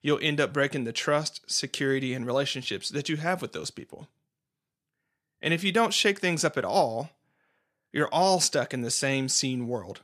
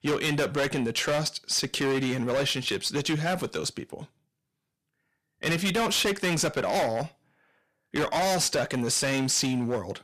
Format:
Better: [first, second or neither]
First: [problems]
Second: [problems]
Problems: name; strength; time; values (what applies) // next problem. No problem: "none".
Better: first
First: none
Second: distortion; heavy; 17% of the sound clipped